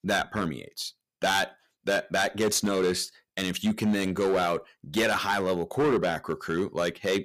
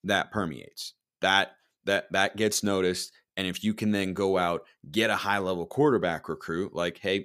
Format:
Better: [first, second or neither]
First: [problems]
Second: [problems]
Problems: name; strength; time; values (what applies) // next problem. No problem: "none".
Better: second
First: distortion; heavy; 8% of the sound clipped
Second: none